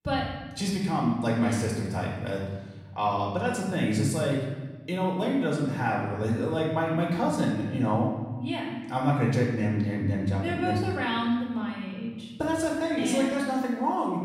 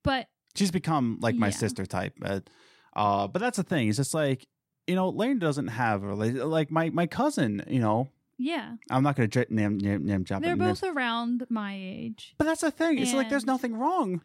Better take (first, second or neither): second